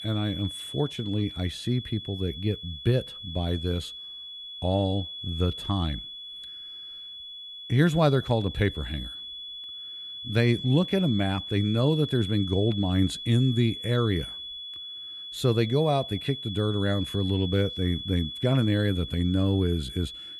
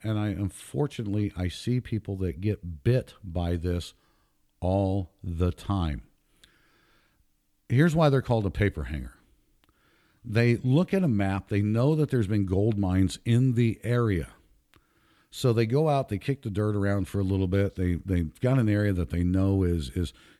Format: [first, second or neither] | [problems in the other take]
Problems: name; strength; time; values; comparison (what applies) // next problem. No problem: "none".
second | high-pitched whine; loud; throughout; 3.5 kHz, 9 dB below the speech